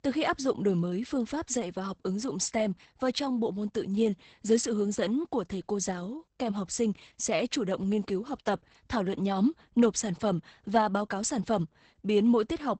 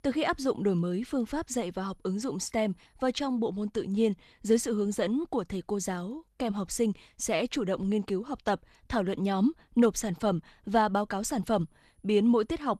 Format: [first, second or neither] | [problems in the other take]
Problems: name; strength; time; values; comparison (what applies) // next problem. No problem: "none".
second | garbled, watery; badly; nothing above 8 kHz; slightly in the second